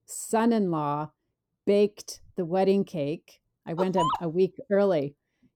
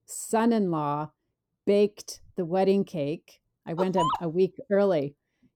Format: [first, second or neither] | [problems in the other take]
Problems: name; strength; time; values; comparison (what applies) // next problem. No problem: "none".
neither | muffled; slightly; fading above 1.5 kHz; the same in both